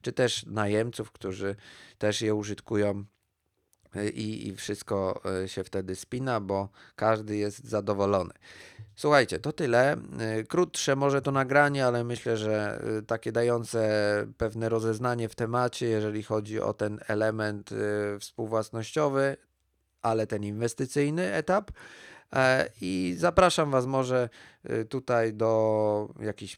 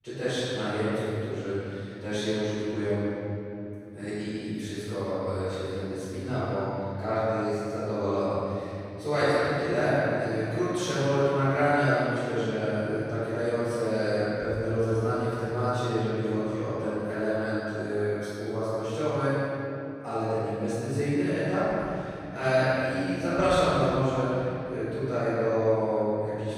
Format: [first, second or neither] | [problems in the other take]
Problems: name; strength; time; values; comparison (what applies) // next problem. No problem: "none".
first | off-mic speech; far // room echo; strong; dies away in 3 s